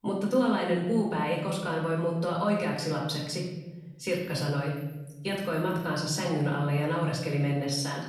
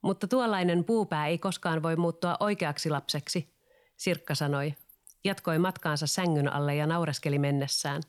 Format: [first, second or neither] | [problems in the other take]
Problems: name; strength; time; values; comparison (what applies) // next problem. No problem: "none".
second | off-mic speech; far // room echo; noticeable; dies away in 1 s